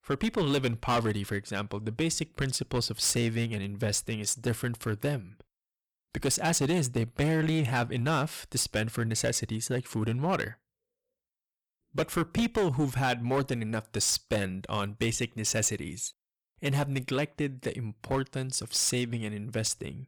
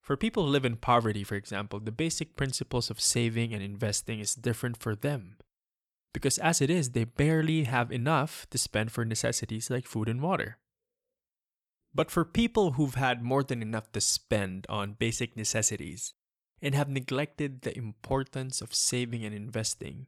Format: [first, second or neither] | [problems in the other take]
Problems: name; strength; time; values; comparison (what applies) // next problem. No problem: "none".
second | distortion; slight; 7% of the sound clipped